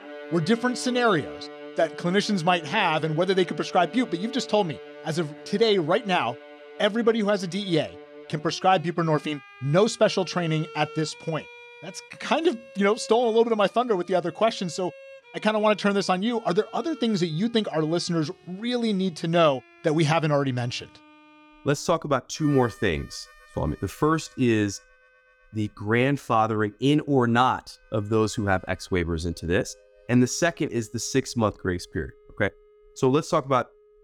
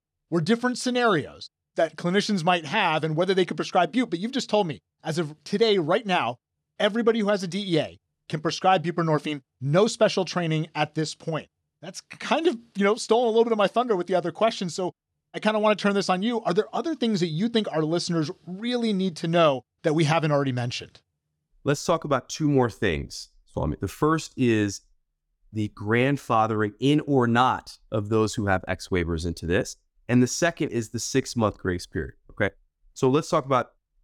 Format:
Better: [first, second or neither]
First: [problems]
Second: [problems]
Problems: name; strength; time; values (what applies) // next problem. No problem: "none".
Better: second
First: background music; noticeable; throughout; 20 dB below the speech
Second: none